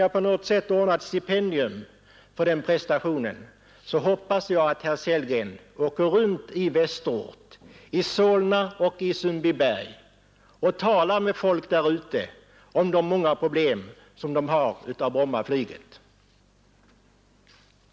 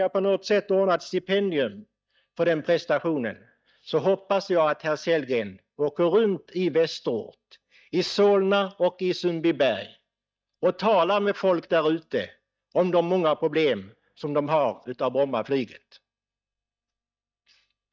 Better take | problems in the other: first | noise reduction (neural mask model DeepFilterNet 3)

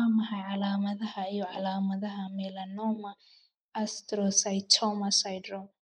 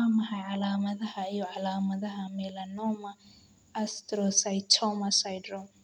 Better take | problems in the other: second | noise reduction (neural mask model Resemble Enhance denoiser)

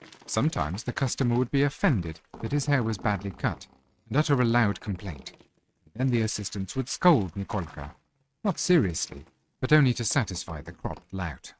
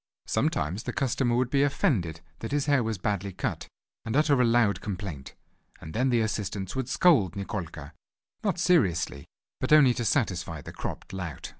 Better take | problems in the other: second | noise reduction (neural mask model RNNoise)

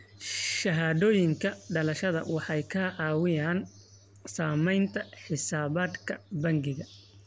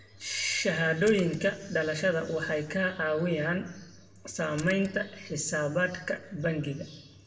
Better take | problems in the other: first | background sound (Splash, splatter); 19 dB below the speech // room echo; dies away in 0.8 s

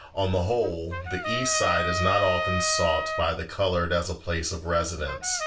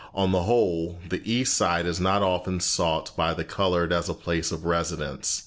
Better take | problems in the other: second | background sound (Trumpet); 5 dB below the speech // room echo; dies away in 0.2 s

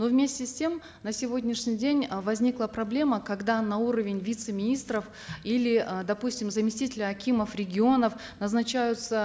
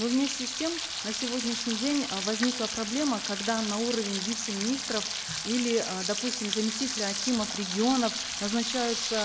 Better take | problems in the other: first | background sound (Frying (food)); 3 dB below the speech

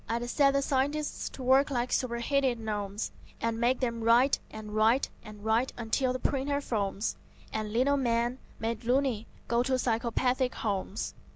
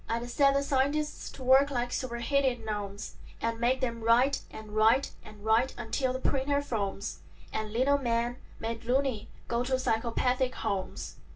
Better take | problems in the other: first | room echo; dies away in 0.2 s

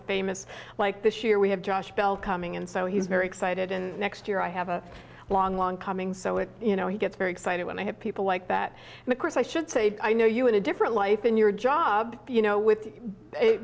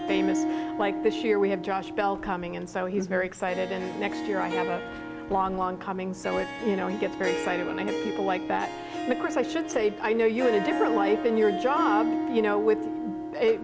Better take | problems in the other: first | background sound (Harp); 4 dB below the speech

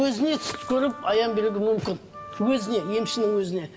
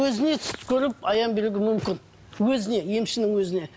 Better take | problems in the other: second | background sound (Wind instrument, woodwind instrument); 15 dB below the speech // room echo; dies away in 1.9 s

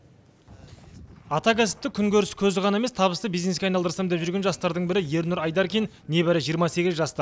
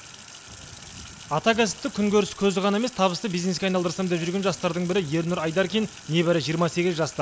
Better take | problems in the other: first | background sound (Sink (filling or washing)); 19 dB below the speech

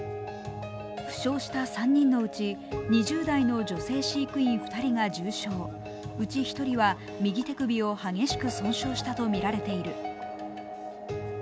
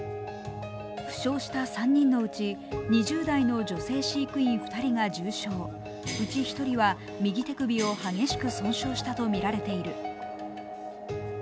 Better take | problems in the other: first | background sound (Bell); 12 dB below the speech

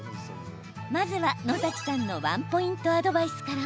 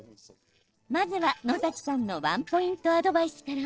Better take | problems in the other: first | noise reduction (neural separator model SepFormer DNS4)

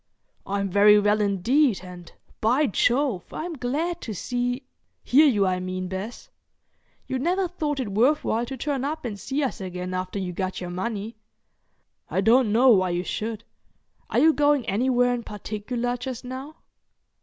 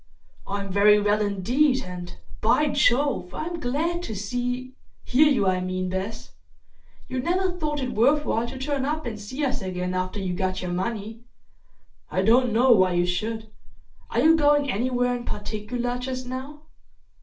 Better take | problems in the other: first | room echo; dies away in 0.3 s

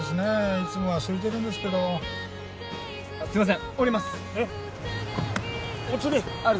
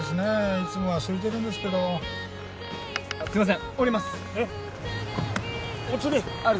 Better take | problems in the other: first | background sound (Door); 19 dB below the speech

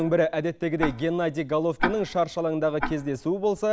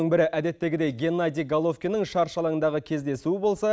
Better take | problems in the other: second | background sound (Tick-tock); 10 dB below the speech

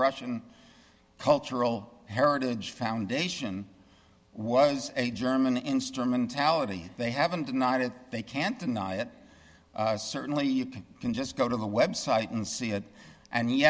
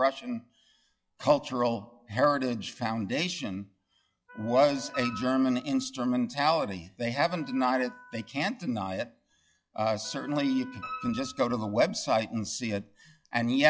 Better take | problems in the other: first | noise reduction (classical method log-MMSE)

